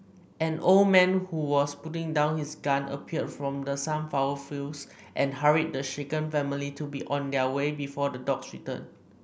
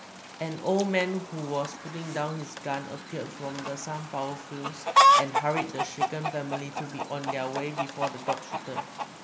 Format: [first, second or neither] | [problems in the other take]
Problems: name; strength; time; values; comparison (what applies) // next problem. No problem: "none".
first | background sound (Chicken, rooster); 3 dB above the speech